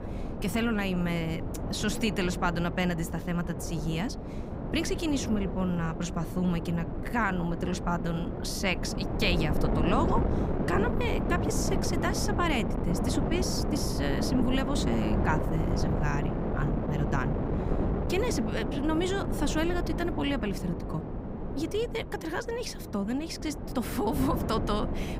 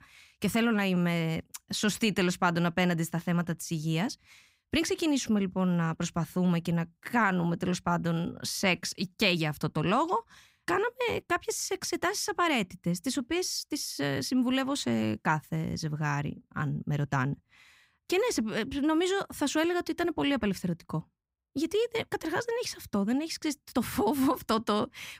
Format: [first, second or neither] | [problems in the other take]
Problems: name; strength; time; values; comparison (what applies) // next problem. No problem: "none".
second | wind noise on the microphone; heavy; 4 dB below the speech